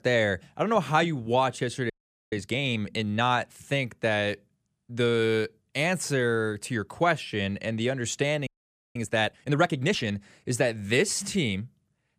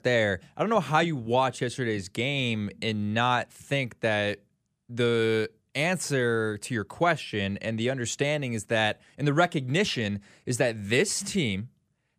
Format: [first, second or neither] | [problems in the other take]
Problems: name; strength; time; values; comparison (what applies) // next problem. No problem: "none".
second | audio freezing; at 2 s and at 8.5 s